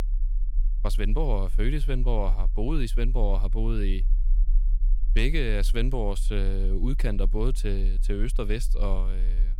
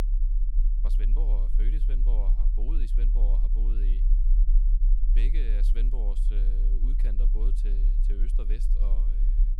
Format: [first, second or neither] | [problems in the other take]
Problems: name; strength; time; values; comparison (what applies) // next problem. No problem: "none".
first | low rumble; loud; throughout; 4 dB below the speech; faint in the first